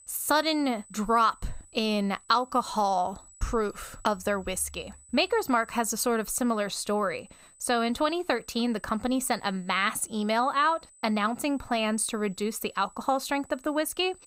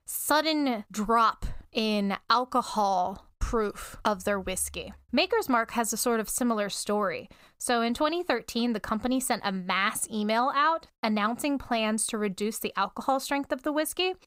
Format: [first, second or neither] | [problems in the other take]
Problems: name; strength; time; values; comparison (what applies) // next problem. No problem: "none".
second | high-pitched whine; faint; throughout; 8 kHz, 25 dB below the speech